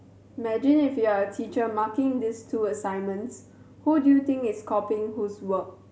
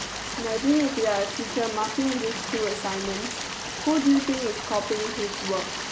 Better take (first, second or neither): first